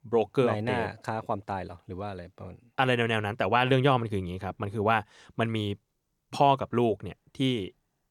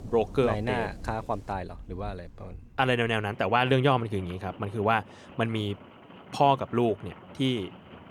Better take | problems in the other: first | rain or running water; noticeable; throughout; 20 dB below the speech

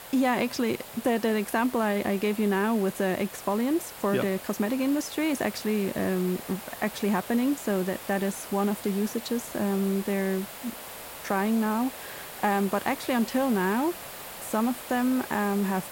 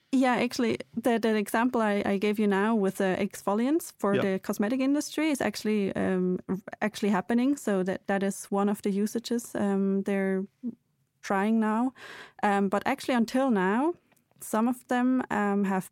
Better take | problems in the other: second | hiss; noticeable; throughout; 10 dB below the speech

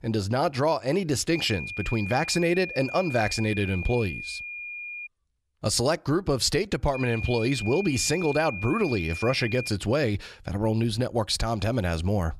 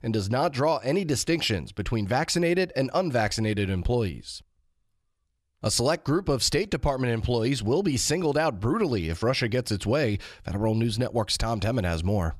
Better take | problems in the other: second | high-pitched whine; loud; from 1.5 to 5 s and from 7 to 9.5 s; 2.5 kHz, 9 dB below the speech

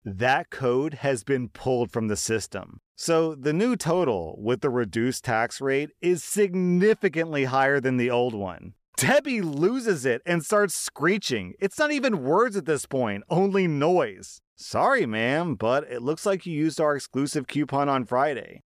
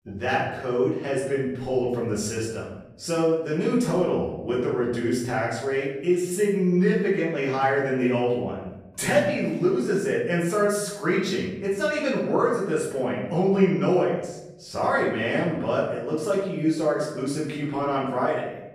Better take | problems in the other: first | off-mic speech; far // room echo; noticeable; dies away in 0.8 s

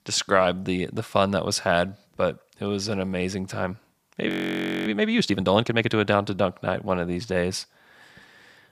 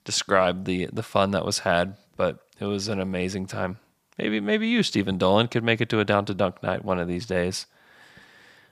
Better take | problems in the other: second | audio freezing; at 4.5 s for 0.5 s

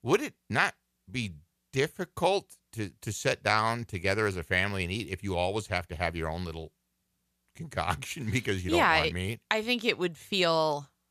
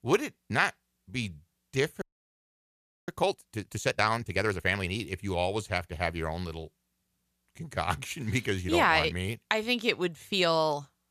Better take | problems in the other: first | audio freezing; at 2 s for 1 s

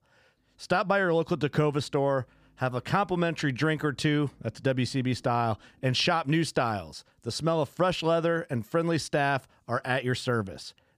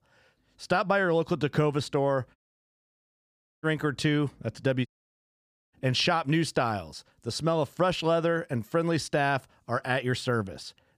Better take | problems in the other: first | audio cutting out; at 2.5 s for 1.5 s and at 5 s for 1 s

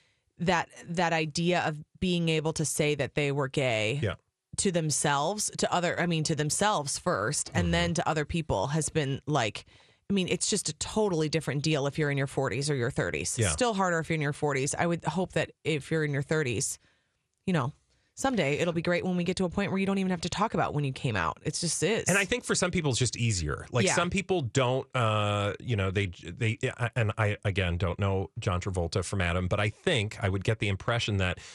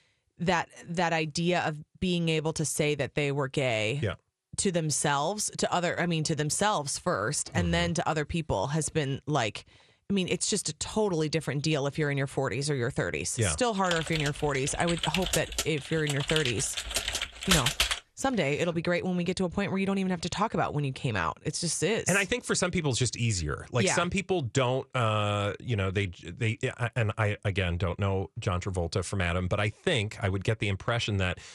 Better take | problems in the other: first | keyboard typing; loud; from 14 to 18 s; peak 5 dB above the speech

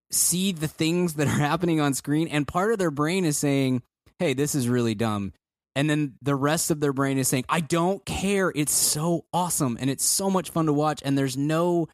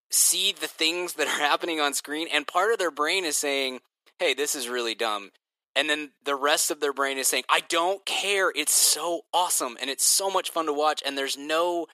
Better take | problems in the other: first | thin; very; fading below 400 Hz

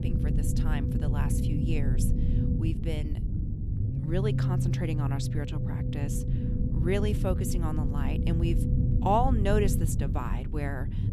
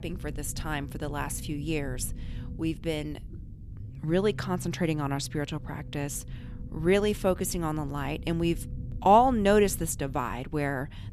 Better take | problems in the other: second | low rumble; loud; throughout; 6 dB below the speech; faint in the second

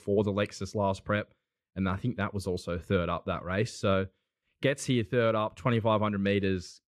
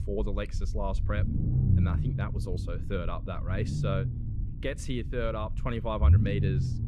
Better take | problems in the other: first | low rumble; loud; throughout; 6 dB below the speech

